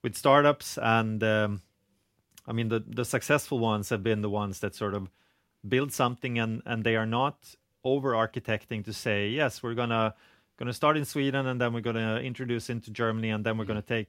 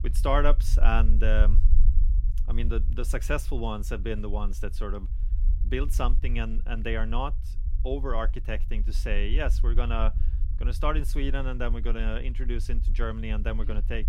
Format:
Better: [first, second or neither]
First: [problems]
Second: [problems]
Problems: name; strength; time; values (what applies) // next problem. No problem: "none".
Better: first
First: none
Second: low rumble; noticeable; throughout; 20 dB below the speech